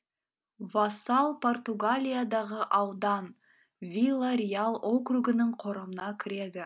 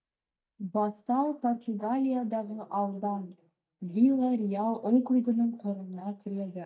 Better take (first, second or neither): first